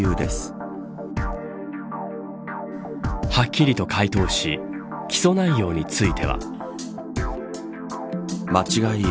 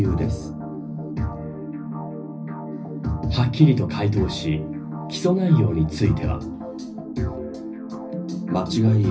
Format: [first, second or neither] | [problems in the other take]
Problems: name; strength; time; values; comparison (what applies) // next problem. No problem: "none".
first | room echo; dies away in 0.4 s